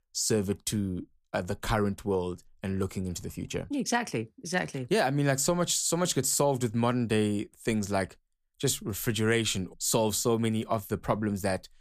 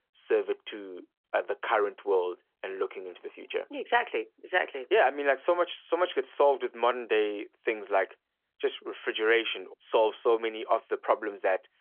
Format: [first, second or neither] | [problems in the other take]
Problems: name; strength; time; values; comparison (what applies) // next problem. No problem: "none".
first | phone-call audio; nothing above 3.5 kHz